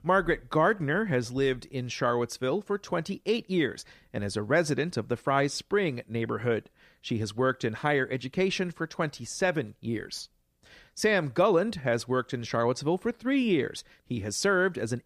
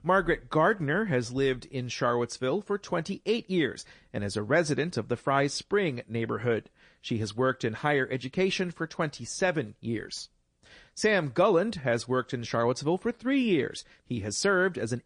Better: first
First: none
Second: garbled, watery; slightly; nothing above 8.5 kHz

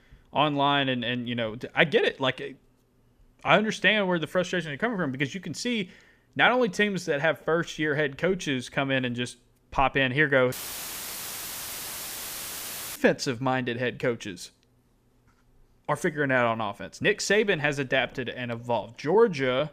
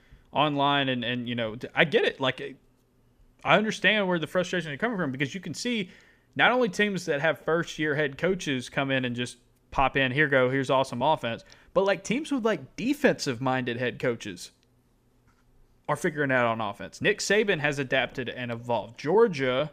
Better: second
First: audio cutting out; filled with static; at 11 s for 2.5 s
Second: none

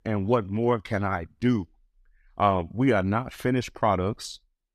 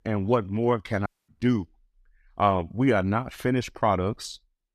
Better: first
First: none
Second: audio cutting out; at 1 s

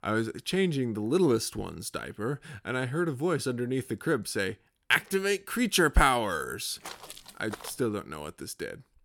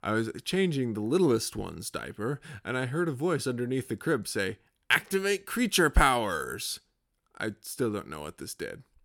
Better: second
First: footsteps; faint; at 7 s; peak 15 dB below the speech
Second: none

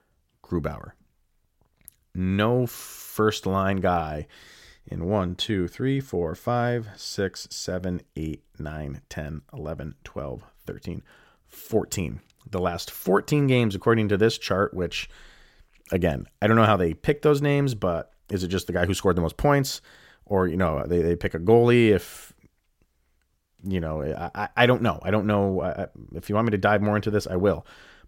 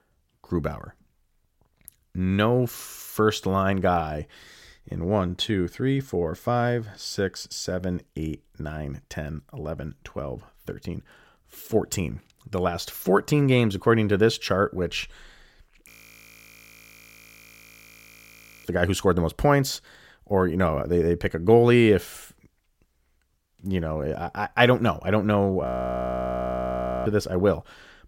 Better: first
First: none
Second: audio freezing; at 16 s for 3 s and at 26 s for 1.5 s

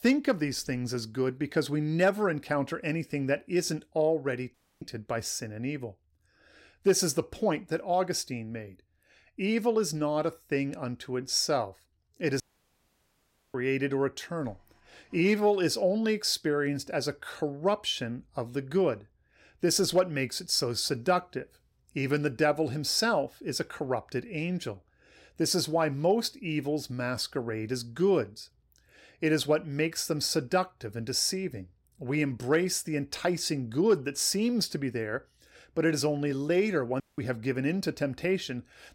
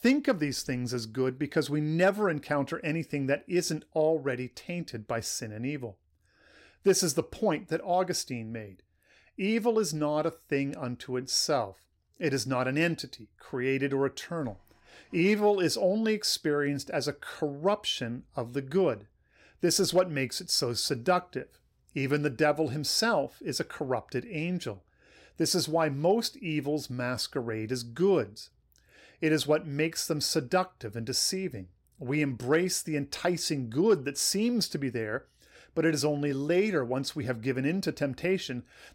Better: second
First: audio cutting out; at 4.5 s, at 12 s for 1 s and at 37 s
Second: none

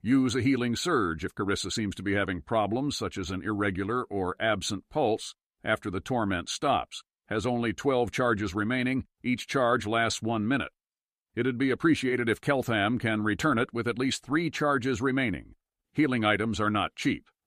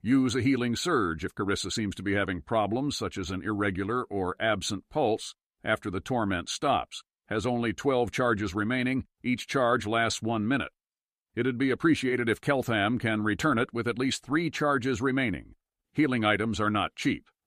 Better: neither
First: none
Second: none

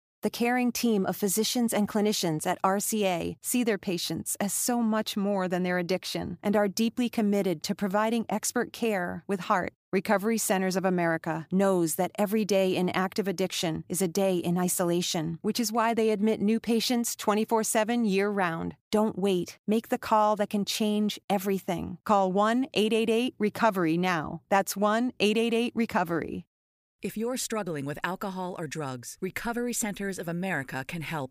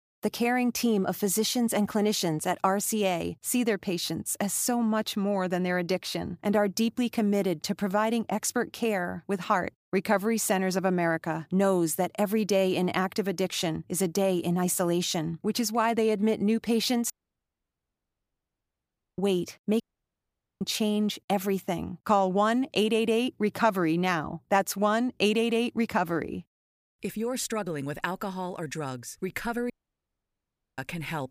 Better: first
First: none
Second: audio cutting out; at 17 s for 2 s, at 20 s for 1 s and at 30 s for 1 s

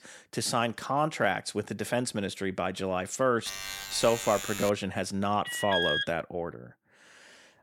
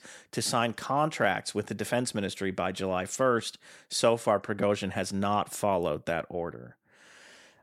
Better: second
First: alarm; noticeable; from 3.5 to 4.5 s; peak 5 dB below the speech // alarm; loud; at 5.5 s; peak 3 dB above the speech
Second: none

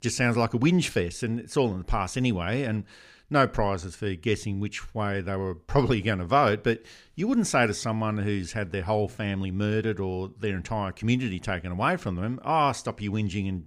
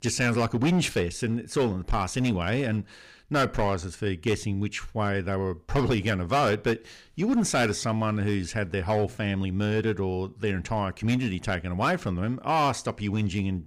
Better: first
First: none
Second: distortion; slight; 6% of the sound clipped

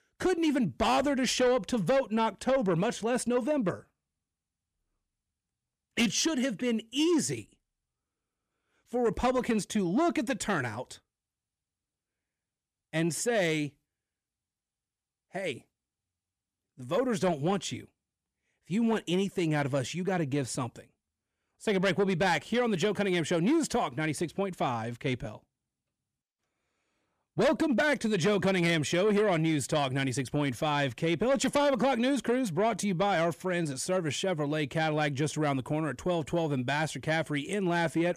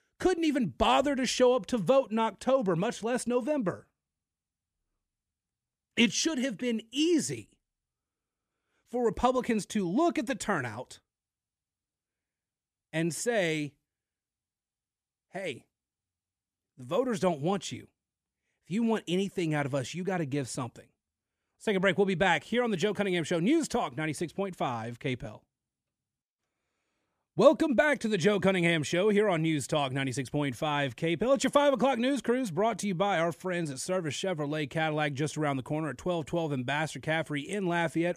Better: second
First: distortion; slight; 10 dB below the speech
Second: none

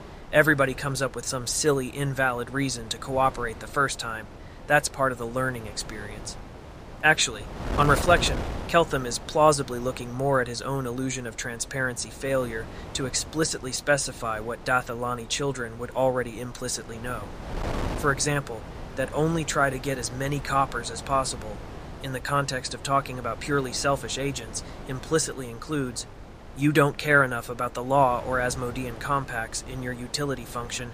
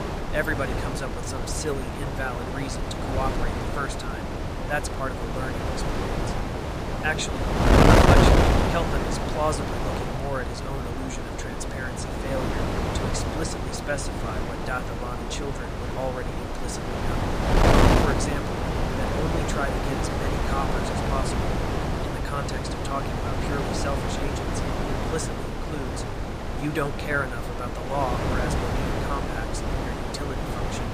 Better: first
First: wind noise on the microphone; occasional gusts; 15 dB below the speech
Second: wind noise on the microphone; heavy; 3 dB above the speech

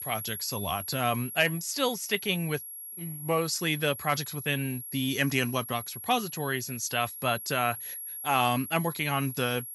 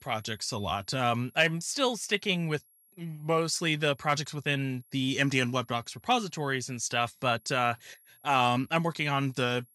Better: second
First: high-pitched whine; loud; throughout; 11.5 kHz, 8 dB below the speech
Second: high-pitched whine; faint; throughout; 11.5 kHz, 30 dB below the speech

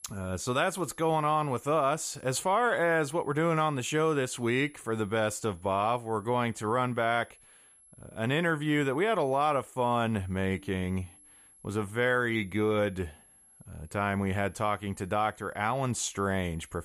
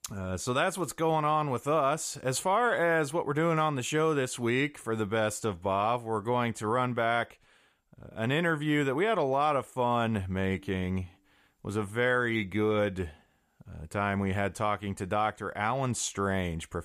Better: second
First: high-pitched whine; faint; throughout; 11 kHz, 25 dB below the speech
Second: none

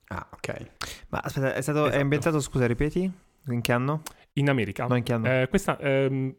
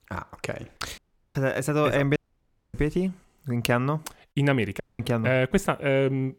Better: first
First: none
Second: audio cutting out; at 1 s, at 2 s for 0.5 s and at 5 s

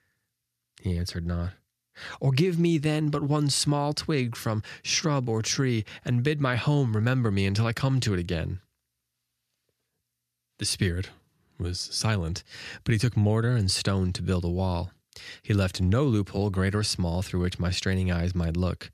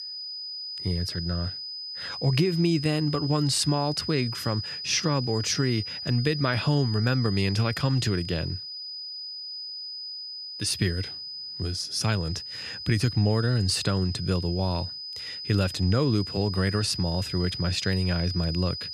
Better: first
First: none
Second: high-pitched whine; loud; throughout; 5 kHz, 7 dB below the speech

